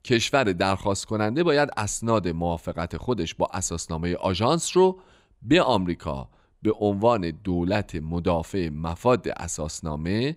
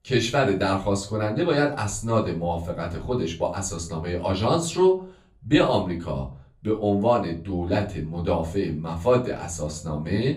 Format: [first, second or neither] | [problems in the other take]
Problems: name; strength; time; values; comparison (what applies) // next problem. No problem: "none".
first | off-mic speech; far // room echo; very slight; dies away in 0.3 s